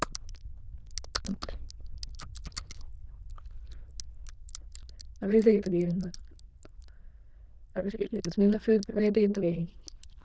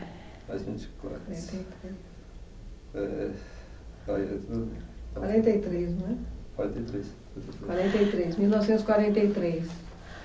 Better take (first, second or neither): second